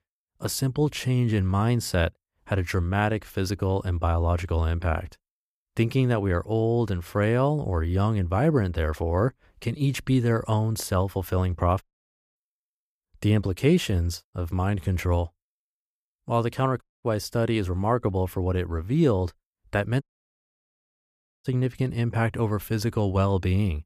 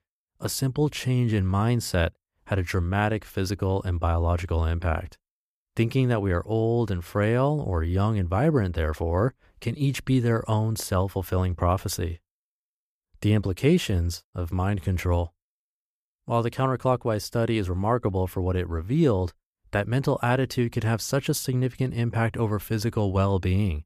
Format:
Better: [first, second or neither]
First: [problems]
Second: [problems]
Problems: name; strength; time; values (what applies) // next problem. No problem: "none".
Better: second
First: audio cutting out; at 12 s for 0.5 s, at 17 s and at 20 s for 1.5 s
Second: none